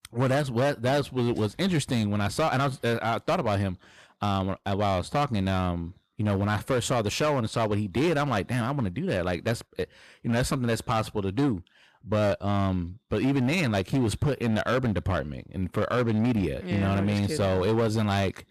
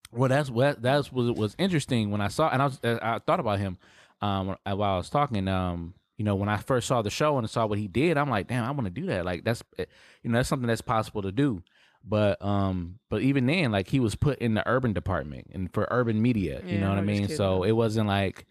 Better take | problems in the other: second | distortion; slight; 12% of the sound clipped

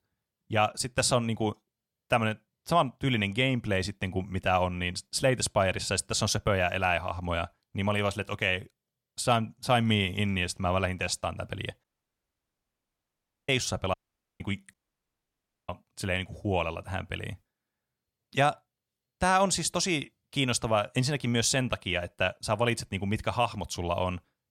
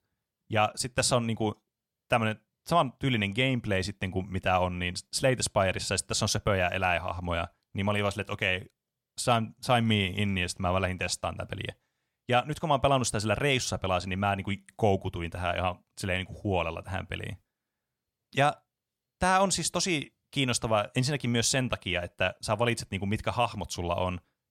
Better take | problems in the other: second | audio cutting out; at 12 s for 1.5 s, at 14 s and at 15 s for 1 s

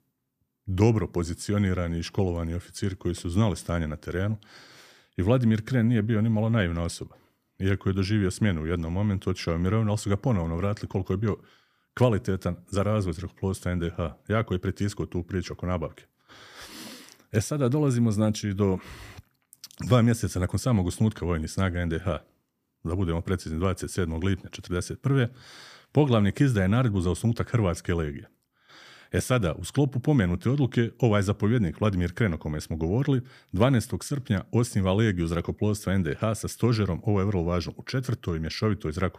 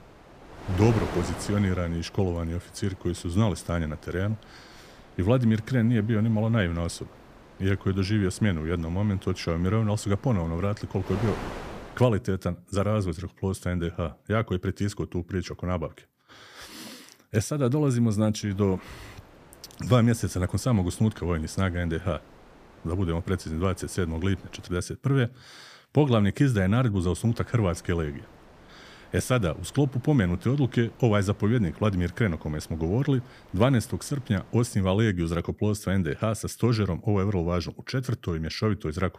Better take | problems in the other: first | wind noise on the microphone; occasional gusts; until 12 s, from 18 to 25 s and from 27 to 35 s; 15 dB below the speech

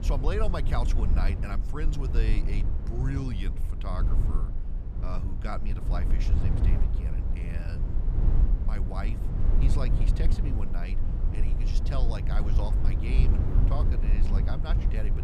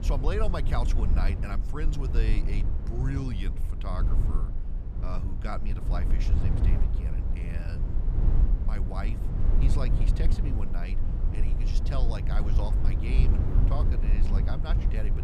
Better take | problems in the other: neither | low rumble; loud; throughout; 4 dB below the speech; the same in both

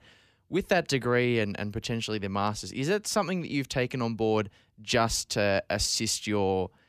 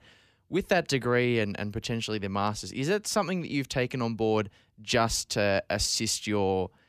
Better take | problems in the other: neither | none

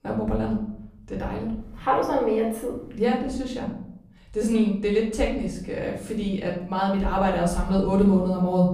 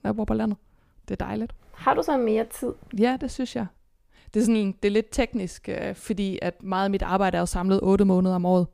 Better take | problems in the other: second | off-mic speech; far // room echo; noticeable; dies away in 0.8 s

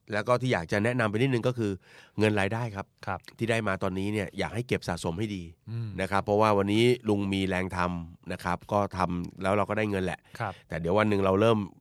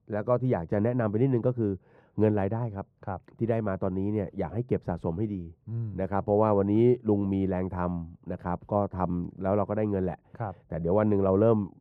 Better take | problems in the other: first | muffled; very; fading above 2 kHz

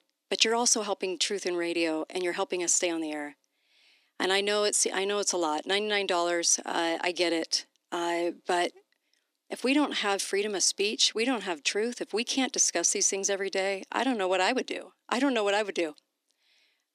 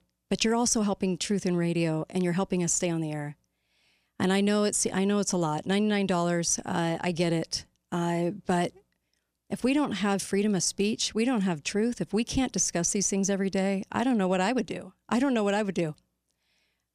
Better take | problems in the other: second | thin; somewhat; fading below 300 Hz

